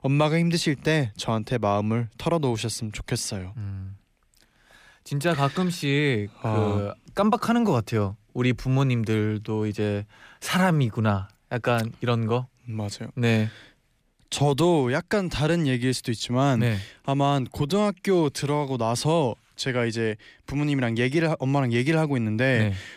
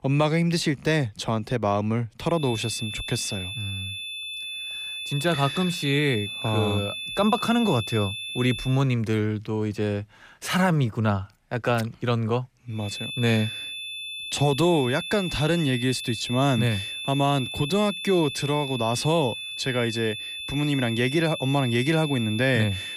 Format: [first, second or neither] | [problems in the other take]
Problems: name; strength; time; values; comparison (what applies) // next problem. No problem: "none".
first | high-pitched whine; loud; from 2.5 to 8.5 s and from 13 s on; 3.5 kHz, 6 dB below the speech